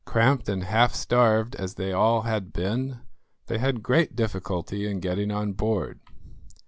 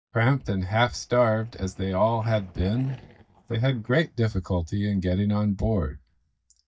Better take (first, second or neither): first